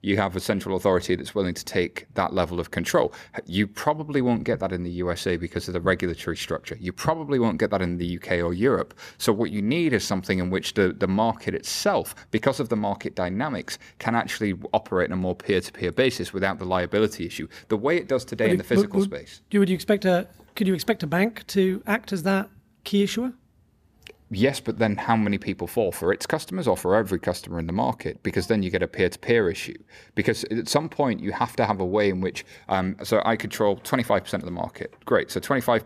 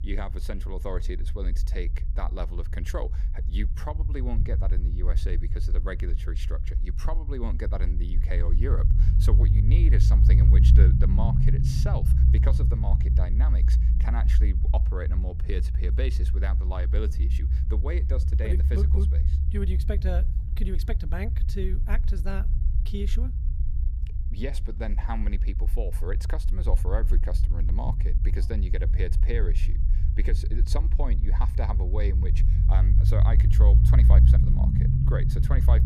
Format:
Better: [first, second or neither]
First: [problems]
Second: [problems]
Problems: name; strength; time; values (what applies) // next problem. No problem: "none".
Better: first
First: none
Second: low rumble; loud; throughout; 3 dB below the speech